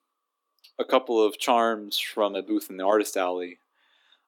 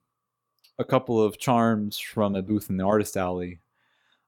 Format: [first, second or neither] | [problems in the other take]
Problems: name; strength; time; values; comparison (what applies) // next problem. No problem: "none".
second | thin; somewhat; fading below 300 Hz